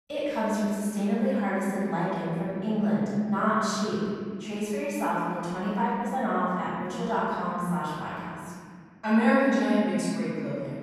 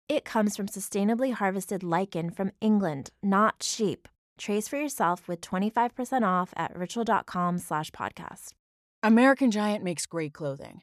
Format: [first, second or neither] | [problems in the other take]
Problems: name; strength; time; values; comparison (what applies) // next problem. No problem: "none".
second | off-mic speech; far // room echo; strong; dies away in 2.2 s